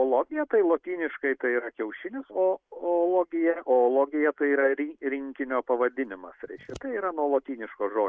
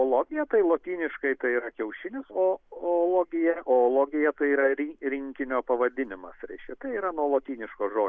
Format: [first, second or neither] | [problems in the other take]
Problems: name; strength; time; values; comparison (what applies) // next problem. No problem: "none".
second | noise reduction (neural mask model RNNoise)